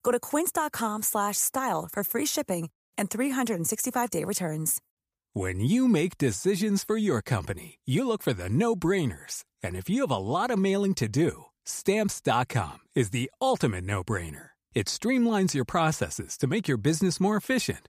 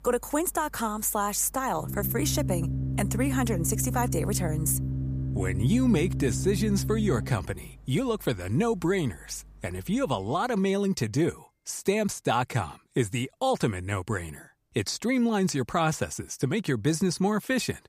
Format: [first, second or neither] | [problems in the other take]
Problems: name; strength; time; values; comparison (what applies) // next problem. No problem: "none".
first | background music; loud; throughout; 4 dB below the speech